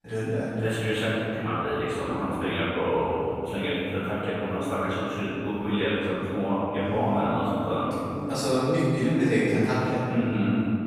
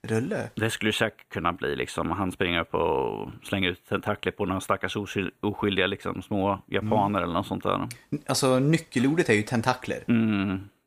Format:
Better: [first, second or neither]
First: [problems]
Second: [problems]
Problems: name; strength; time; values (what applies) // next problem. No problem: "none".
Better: second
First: off-mic speech; far // room echo; strong; dies away in 2.6 s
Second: none